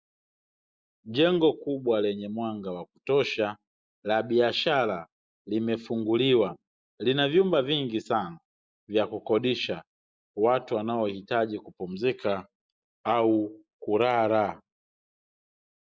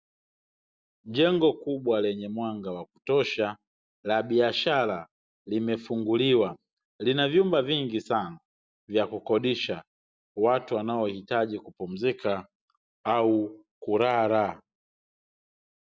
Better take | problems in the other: second | noise reduction (neural mask model Resemble Enhance denoiser)

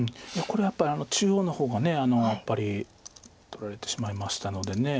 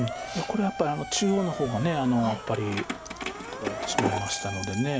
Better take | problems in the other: first | background sound (Keys jangling + Motor vehicle (road) / Siren); 6 dB below the speech

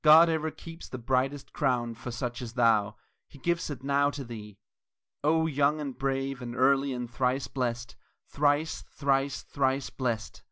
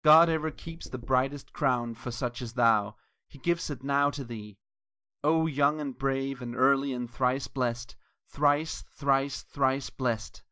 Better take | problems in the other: first | noise reduction (neural mask model DeepFilterNet 3)

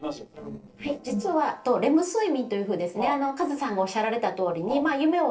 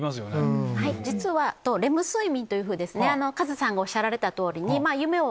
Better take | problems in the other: second | noise reduction (neural separator model SepFormer DNS4)

